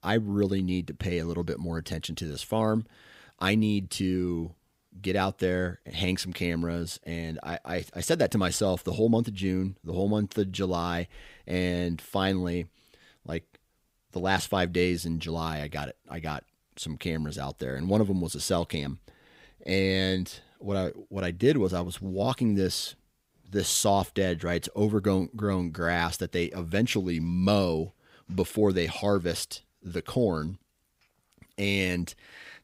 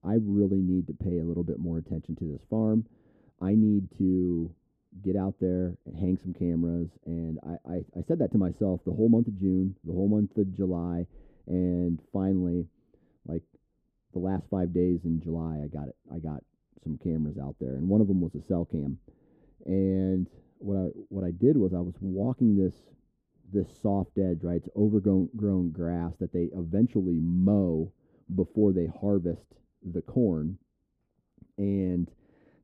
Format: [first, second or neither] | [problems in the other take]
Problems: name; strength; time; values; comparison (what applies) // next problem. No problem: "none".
first | muffled; very; fading above 1 kHz